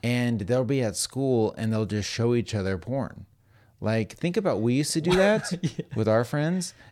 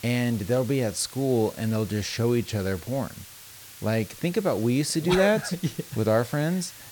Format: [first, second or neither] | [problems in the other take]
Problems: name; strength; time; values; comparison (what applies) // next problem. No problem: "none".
first | hiss; noticeable; throughout; 15 dB below the speech